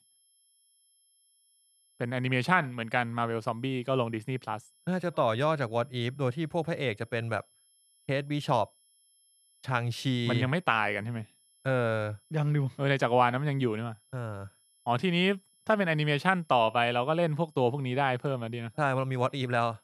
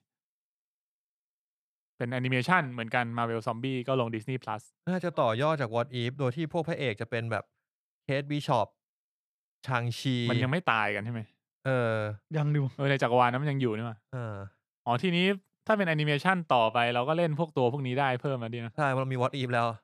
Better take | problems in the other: second | high-pitched whine; faint; throughout; 11 kHz, 35 dB below the speech

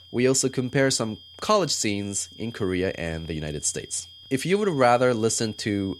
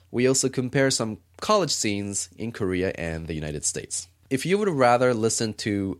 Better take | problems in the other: second | high-pitched whine; faint; throughout; 3 kHz, 20 dB below the speech

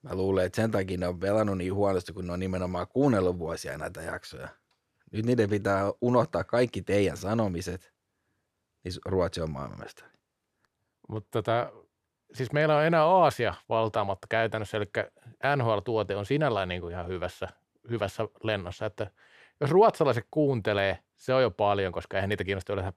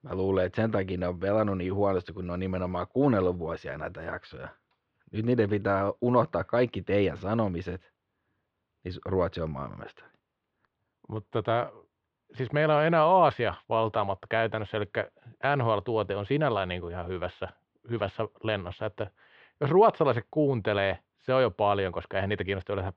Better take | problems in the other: first | muffled; slightly; fading above 3.5 kHz

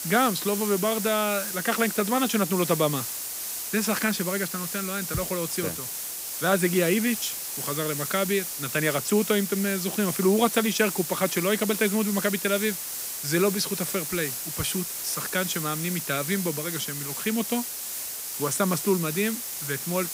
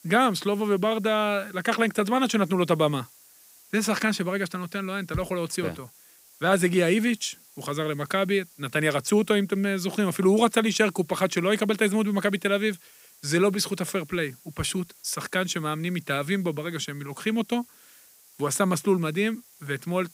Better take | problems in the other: second | hiss; loud; throughout; 4 dB below the speech; faint in the second

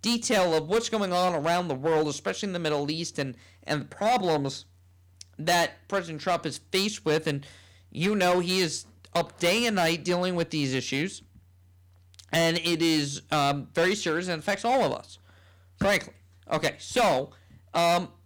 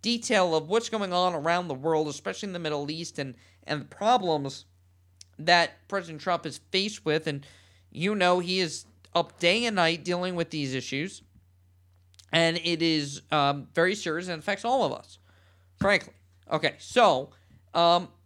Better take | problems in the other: second | distortion; heavy; 8% of the sound clipped

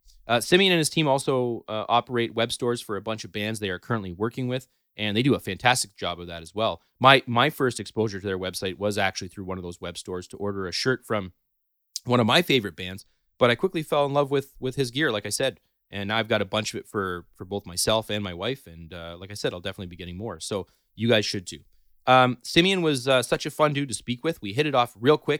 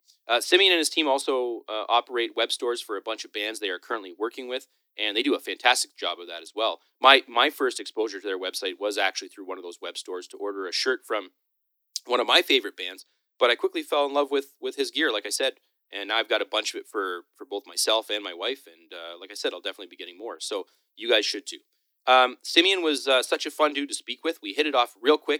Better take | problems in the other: first | thin; somewhat; fading below 300 Hz

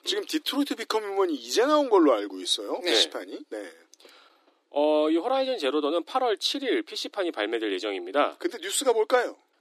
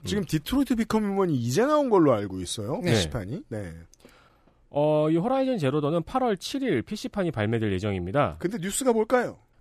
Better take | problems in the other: second | thin; somewhat; fading below 300 Hz

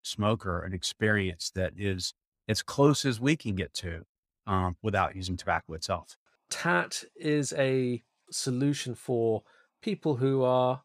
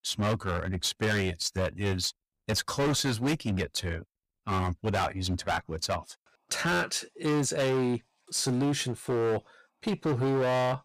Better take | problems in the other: first | distortion; heavy; 16% of the sound clipped

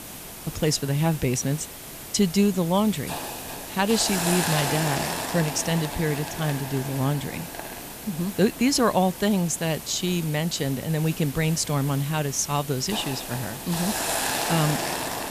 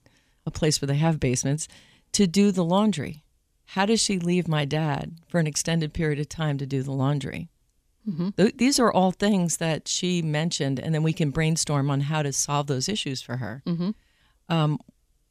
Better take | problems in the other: second | hiss; loud; throughout; 6 dB below the speech

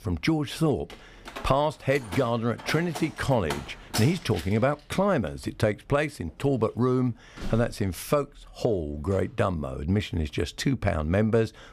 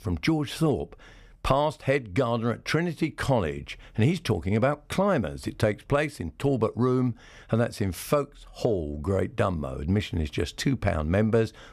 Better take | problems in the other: second | door banging; noticeable; from 1 to 8 s; peak 6 dB below the speech

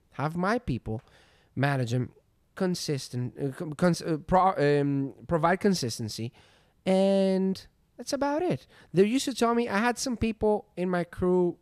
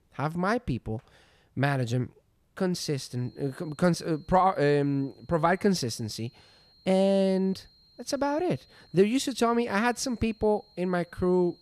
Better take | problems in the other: first | high-pitched whine; faint; from 3 s on; 4 kHz, 30 dB below the speech

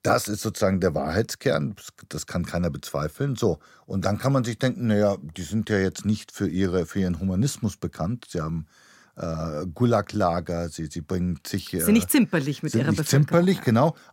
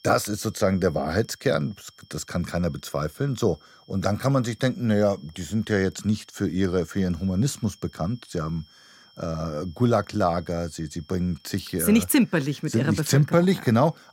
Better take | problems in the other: first | high-pitched whine; faint; throughout; 3 kHz, 30 dB below the speech

